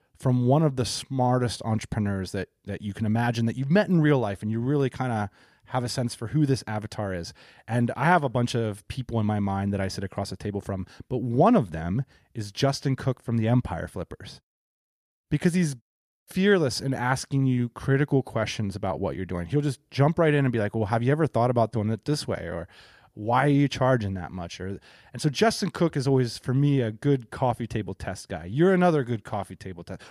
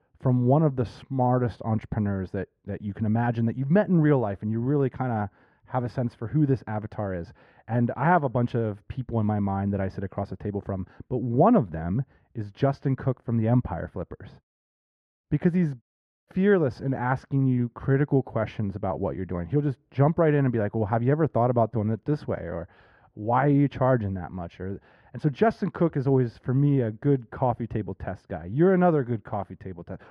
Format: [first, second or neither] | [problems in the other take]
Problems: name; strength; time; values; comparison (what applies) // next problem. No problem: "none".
first | muffled; very; fading above 3.5 kHz